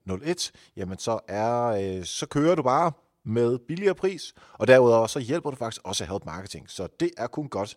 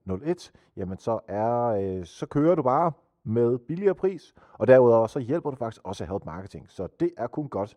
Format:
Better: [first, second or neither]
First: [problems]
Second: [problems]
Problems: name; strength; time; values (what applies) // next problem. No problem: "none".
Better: first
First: none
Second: muffled; very; fading above 2 kHz